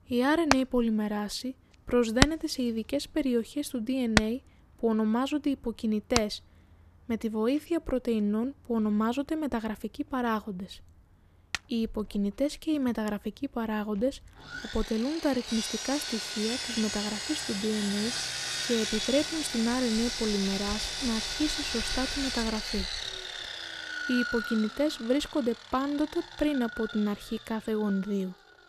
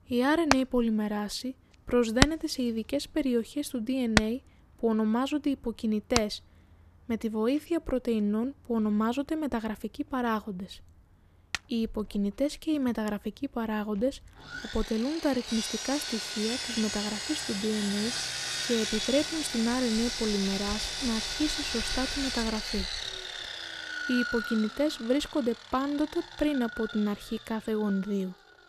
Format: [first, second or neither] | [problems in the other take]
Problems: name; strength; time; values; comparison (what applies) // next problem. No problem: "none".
neither | machinery noise; loud; throughout; 2 dB below the speech; the same in both